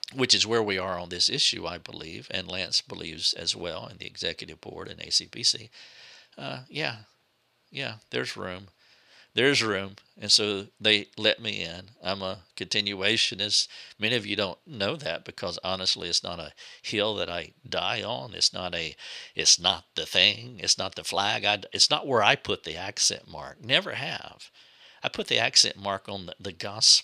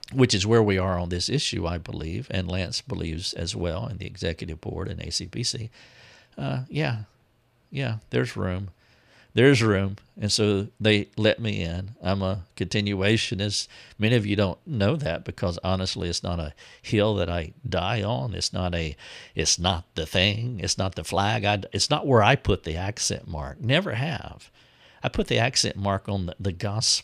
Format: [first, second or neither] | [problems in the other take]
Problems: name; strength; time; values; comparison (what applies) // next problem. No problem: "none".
second | thin; somewhat; fading below 1 kHz